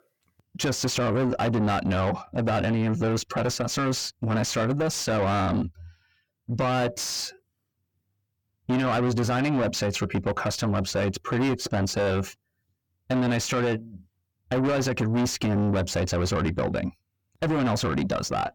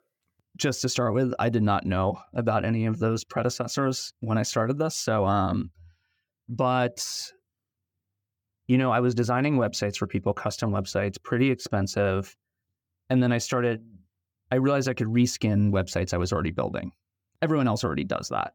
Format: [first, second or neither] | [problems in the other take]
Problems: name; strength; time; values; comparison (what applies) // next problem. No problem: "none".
second | distortion; heavy; 6 dB below the speech